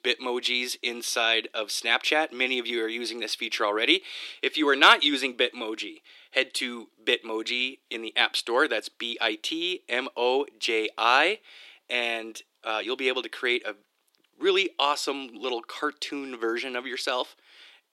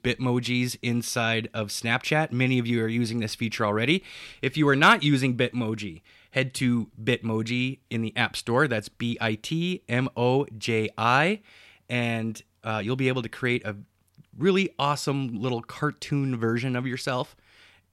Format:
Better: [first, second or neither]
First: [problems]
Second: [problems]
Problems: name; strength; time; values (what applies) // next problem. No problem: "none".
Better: second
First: thin; somewhat; fading below 300 Hz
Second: none